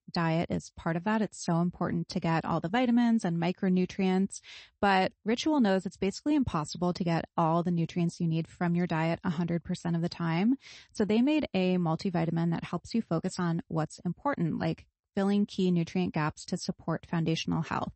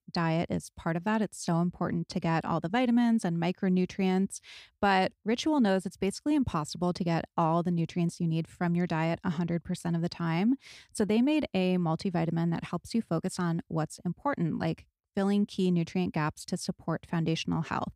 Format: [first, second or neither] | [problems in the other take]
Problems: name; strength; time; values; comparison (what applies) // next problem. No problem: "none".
second | garbled, watery; slightly; nothing above 8 kHz